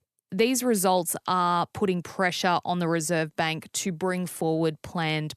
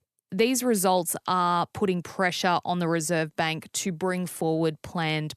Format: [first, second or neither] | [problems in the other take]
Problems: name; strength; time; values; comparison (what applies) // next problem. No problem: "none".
neither | none